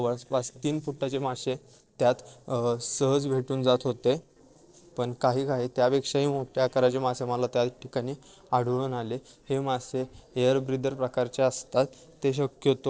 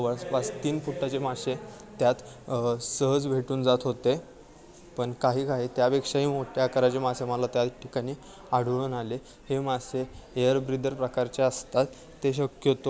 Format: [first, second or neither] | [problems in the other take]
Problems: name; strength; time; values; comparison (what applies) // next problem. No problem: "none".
second | noise reduction (neural separator model SepFormer DNS4)